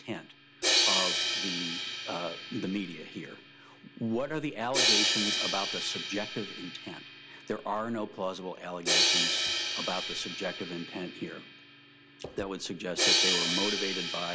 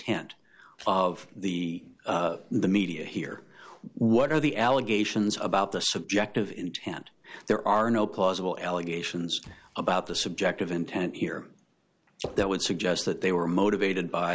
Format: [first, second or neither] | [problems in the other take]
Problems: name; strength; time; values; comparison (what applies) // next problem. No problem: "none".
second | background sound (Crash cymbal); 4 dB above the speech